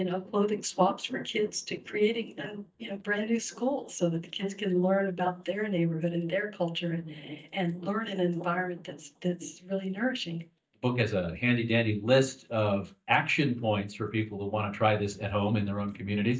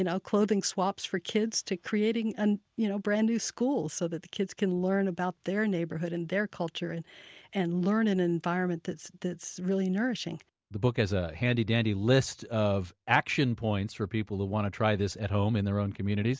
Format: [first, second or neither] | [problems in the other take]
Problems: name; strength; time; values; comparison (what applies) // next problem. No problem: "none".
second | noise reduction (neural mask model DeepFilterNet 3)